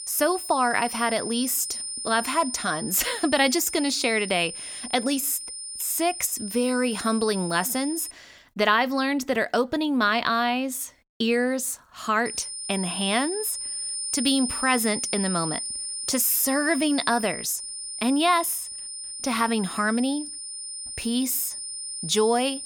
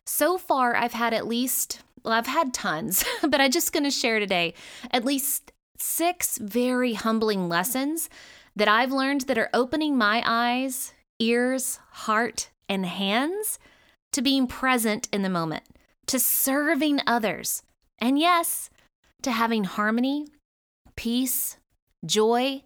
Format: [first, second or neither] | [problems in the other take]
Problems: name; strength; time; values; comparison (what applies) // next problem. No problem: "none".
second | high-pitched whine; loud; until 8 s and from 12 s on; 9 kHz, 7 dB below the speech